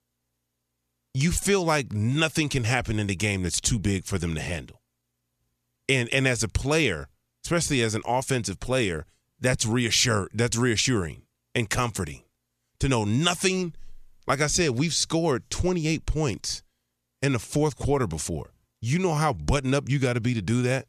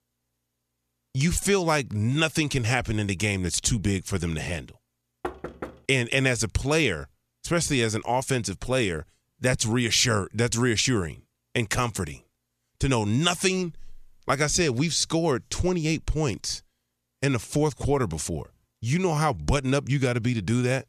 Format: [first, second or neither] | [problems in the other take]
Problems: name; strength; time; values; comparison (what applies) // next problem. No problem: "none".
first | door banging; faint; at 5 s; peak 10 dB below the speech